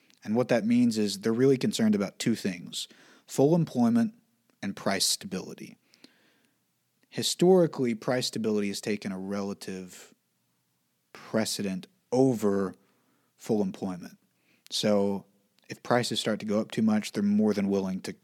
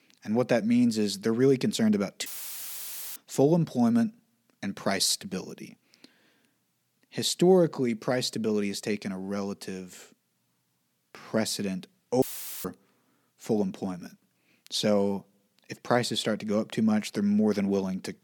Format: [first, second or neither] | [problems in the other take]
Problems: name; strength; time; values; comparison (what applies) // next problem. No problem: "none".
first | audio cutting out; filled with static; at 2.5 s for 1 s and at 12 s